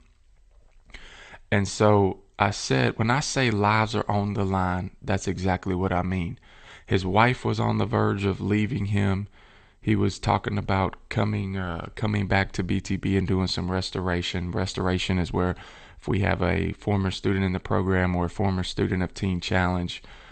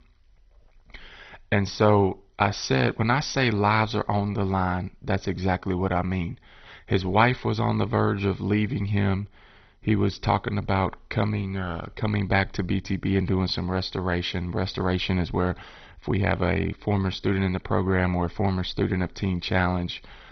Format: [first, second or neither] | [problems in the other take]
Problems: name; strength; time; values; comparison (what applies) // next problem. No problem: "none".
first | garbled, watery; badly; nothing above 6 kHz; slightly in the first